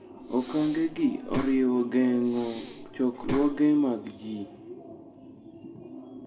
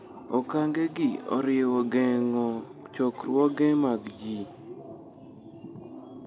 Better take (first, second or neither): second